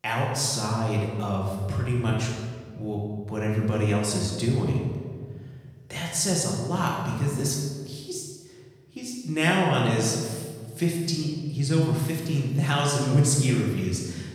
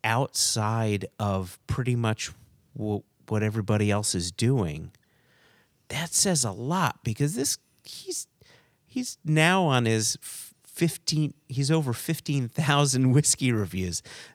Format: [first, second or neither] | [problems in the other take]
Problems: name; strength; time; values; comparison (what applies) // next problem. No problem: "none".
second | room echo; noticeable; dies away in 1.5 s // off-mic speech; far